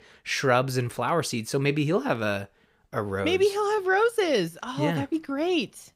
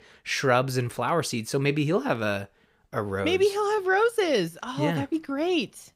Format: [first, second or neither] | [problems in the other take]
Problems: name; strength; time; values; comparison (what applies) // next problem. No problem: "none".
neither | none